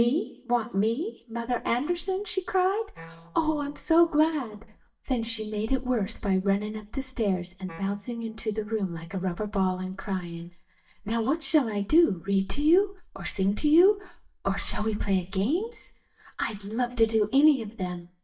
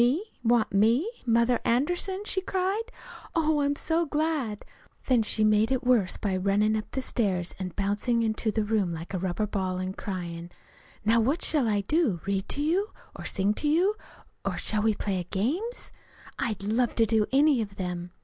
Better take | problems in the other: second | noise reduction (neural mask model DeepFilterNet 3)

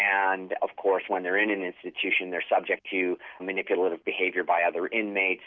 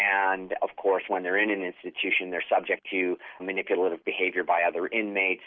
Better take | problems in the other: first | noise reduction (neural mask model Resemble Enhance denoiser)

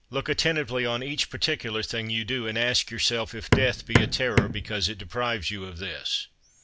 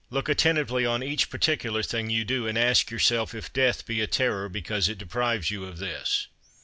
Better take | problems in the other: second | background sound (Hammer); 3 dB above the speech

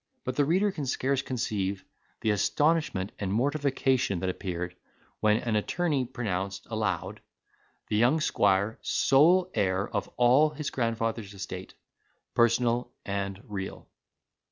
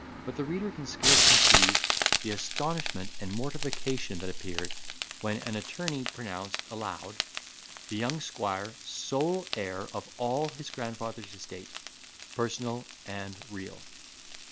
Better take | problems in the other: first | background sound (Frying (food)); 4 dB above the speech

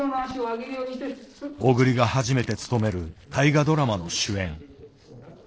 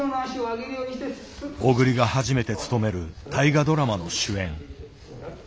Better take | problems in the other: second | noise reduction (neural separator model SepFormer DNS4)

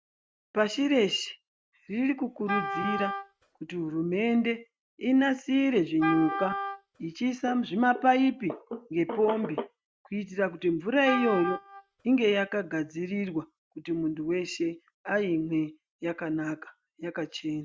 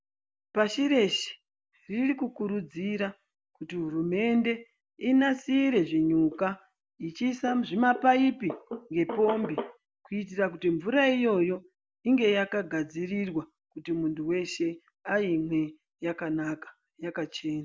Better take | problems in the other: second | noise reduction (neural mask model RNNoise)

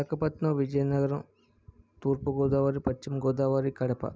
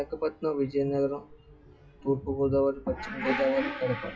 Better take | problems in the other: first | noise reduction (classical method WPE with log-MMSE)

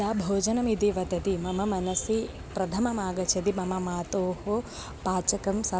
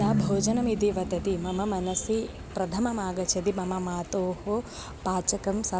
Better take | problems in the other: first | background sound (Drum); 9 dB below the speech

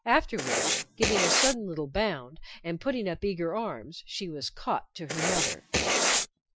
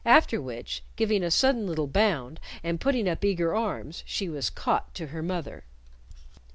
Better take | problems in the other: second | noise reduction (classical method Wiener filter)

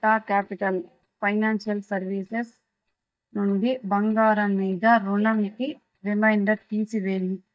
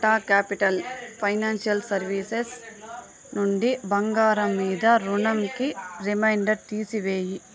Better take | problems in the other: second | noise reduction (neural mask model DeepFilterNet 3)

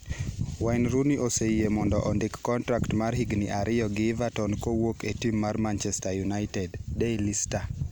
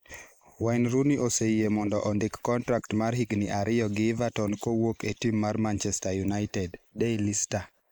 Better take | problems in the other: first | noise reduction (neural mask model Resemble Enhance denoiser)

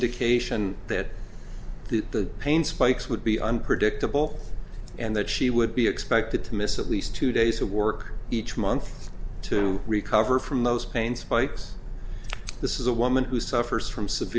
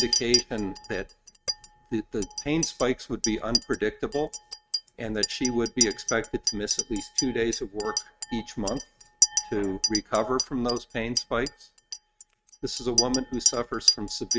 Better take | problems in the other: first | noise reduction (neural mask model RNNoise)

